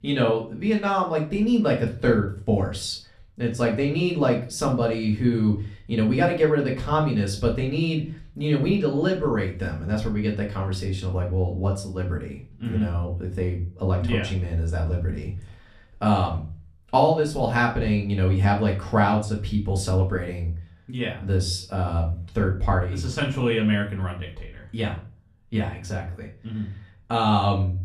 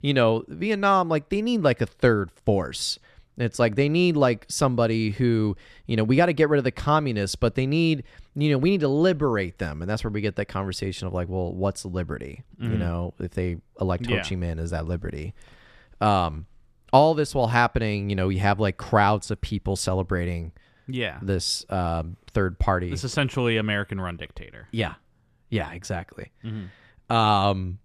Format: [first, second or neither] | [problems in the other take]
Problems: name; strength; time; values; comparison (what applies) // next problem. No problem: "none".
second | room echo; slight; dies away in 0.4 s // off-mic speech; far